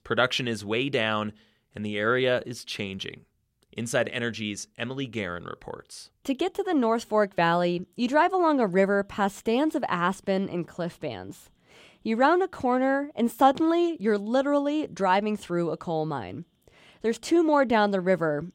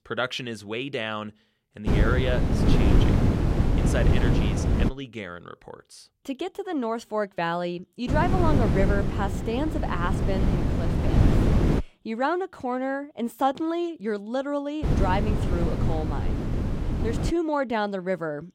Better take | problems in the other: first | wind noise on the microphone; heavy; from 2 to 5 s, from 8 to 12 s and from 15 to 17 s; 3 dB below the speech

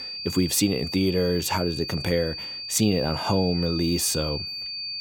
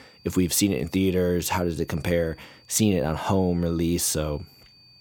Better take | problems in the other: second | high-pitched whine; loud; throughout; 4.5 kHz, 6 dB below the speech; faint in the second

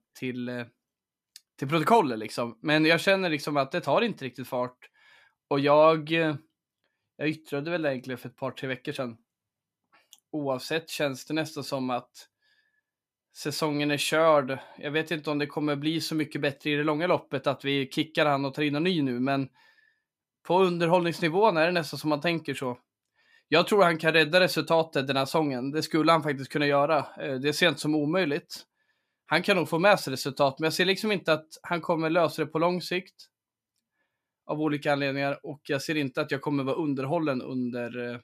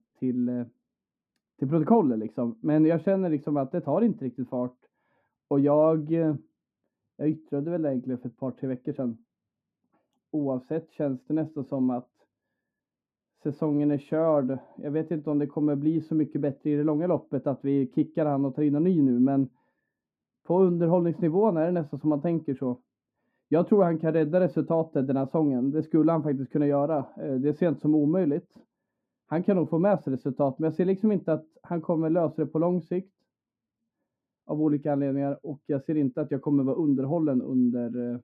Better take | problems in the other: first | muffled; very; fading above 1.5 kHz

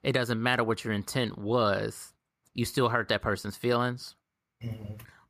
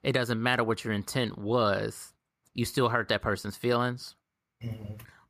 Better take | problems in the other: neither | none

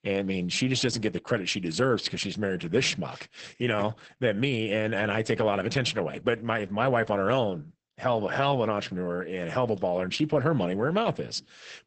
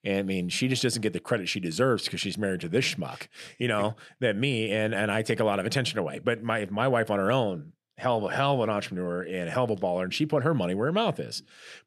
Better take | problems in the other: second | garbled, watery; badly; nothing above 8 kHz

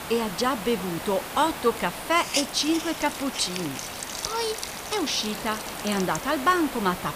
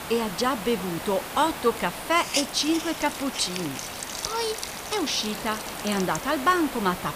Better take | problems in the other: neither | hiss; loud; throughout; 6 dB below the speech; the same in both

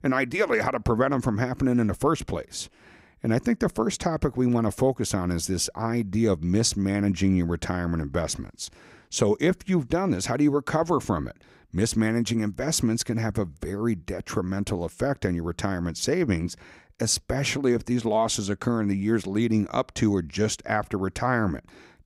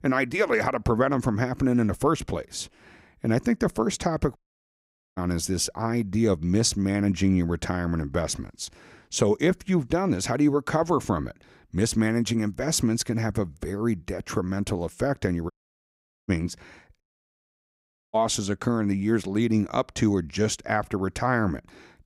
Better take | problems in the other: first | audio cutting out; at 4.5 s for 1 s, at 16 s for 1 s and at 17 s for 1 s

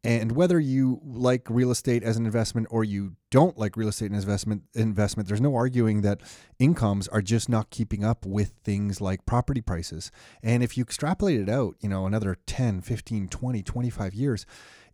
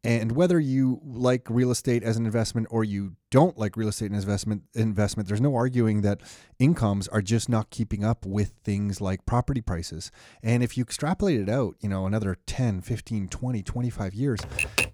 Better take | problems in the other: first | keyboard typing; loud; at 14 s; peak 2 dB above the speech

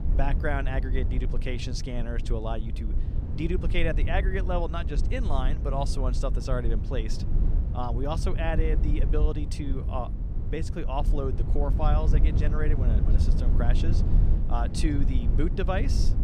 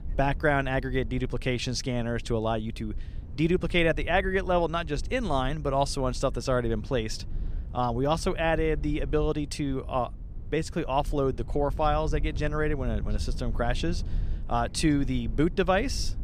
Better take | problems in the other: second | low rumble; loud; throughout; 9 dB below the speech; faint in the second

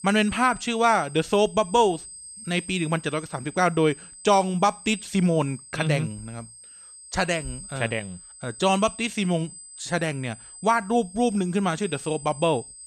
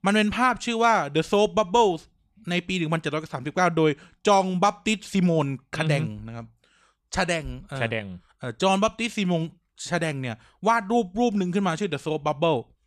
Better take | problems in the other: second | high-pitched whine; noticeable; throughout; 8 kHz, 15 dB below the speech

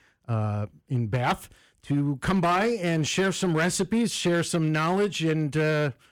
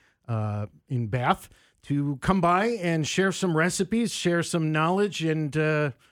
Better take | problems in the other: second | distortion; slight; 7% of the sound clipped

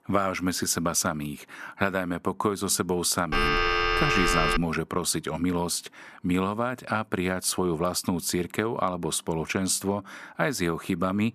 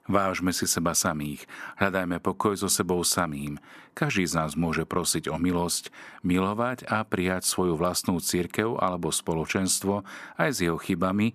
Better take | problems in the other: second | phone ringing; loud; from 3.5 to 4.5 s; peak 4 dB above the speech

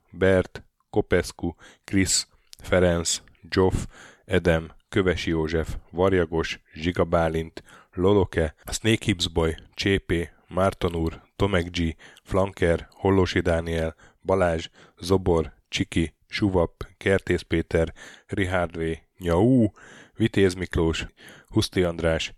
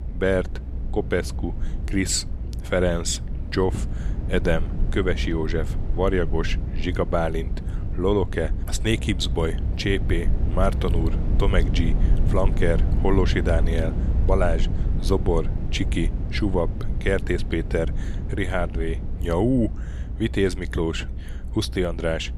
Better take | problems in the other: first | low rumble; noticeable; throughout; 15 dB below the speech

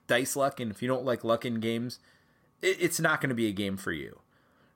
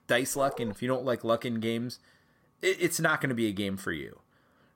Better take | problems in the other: first | dog barking; noticeable; at 0.5 s; peak 10 dB below the speech

